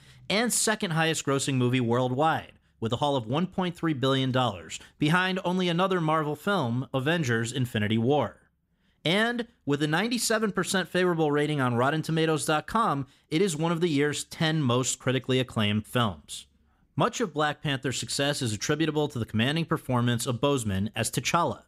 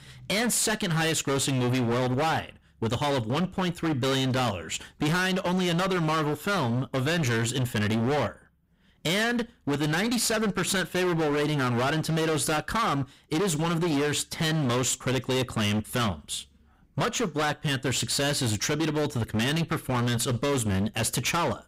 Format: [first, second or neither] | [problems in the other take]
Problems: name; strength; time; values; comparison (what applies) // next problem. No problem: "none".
first | distortion; heavy; 31% of the sound clipped